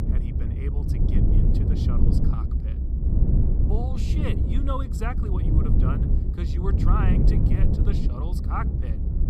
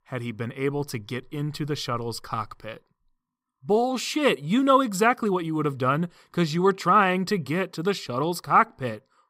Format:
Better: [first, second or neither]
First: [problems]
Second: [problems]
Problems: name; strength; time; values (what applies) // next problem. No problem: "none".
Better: second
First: low rumble; loud; throughout; as loud as the speech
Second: none